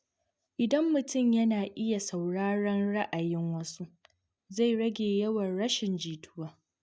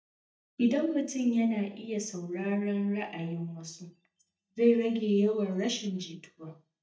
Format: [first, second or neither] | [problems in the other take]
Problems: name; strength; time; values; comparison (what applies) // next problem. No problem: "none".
first | noise reduction (neural mask model DeepFilterNet 3)